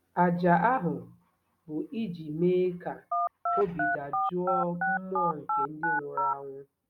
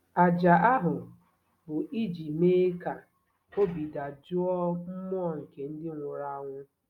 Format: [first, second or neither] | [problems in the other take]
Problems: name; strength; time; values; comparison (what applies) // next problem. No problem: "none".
second | background sound (Telephone); as loud as the speech